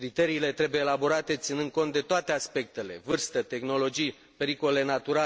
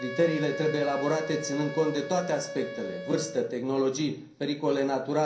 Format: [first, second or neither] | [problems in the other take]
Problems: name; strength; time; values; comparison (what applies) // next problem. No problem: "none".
first | background sound (Wind instrument, woodwind instrument); 11 dB below the speech // room echo; dies away in 0.6 s